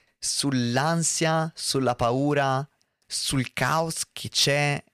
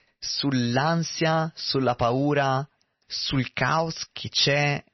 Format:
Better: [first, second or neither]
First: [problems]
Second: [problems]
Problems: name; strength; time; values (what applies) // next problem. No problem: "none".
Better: first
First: none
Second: garbled, watery; slightly; nothing above 6 kHz